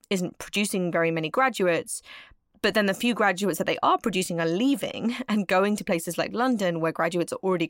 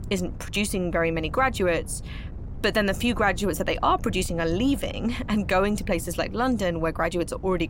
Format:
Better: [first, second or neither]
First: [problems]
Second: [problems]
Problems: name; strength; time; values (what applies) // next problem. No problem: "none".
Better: first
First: none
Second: wind noise on the microphone; occasional gusts; 25 dB below the speech